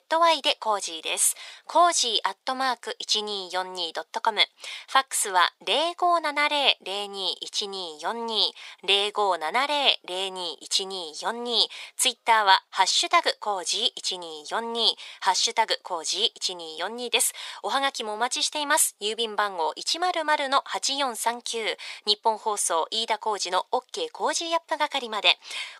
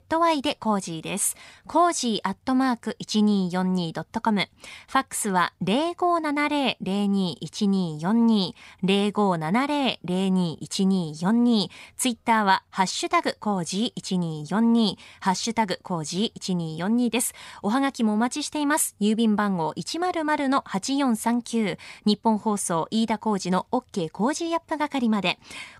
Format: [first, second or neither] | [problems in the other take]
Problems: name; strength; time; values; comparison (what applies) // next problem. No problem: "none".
second | thin; very; fading below 450 Hz